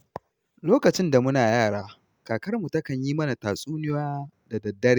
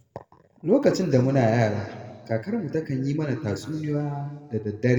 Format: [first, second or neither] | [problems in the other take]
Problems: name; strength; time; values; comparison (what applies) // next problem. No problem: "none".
first | room echo; dies away in 1.6 s